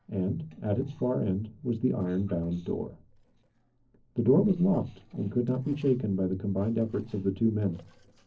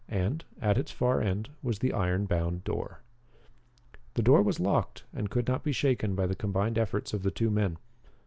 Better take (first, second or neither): second